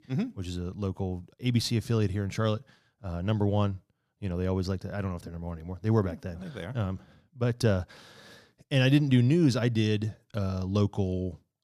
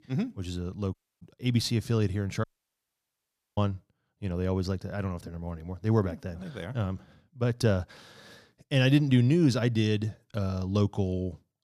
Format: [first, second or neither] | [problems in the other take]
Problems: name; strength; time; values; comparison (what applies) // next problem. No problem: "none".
first | audio cutting out; at 1 s and at 2.5 s for 1 s